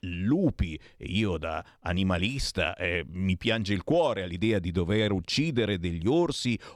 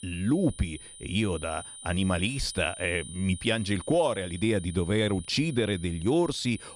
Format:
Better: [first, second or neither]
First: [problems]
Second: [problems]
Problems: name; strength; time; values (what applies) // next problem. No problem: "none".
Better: first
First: none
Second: high-pitched whine; noticeable; throughout; 9.5 kHz, 15 dB below the speech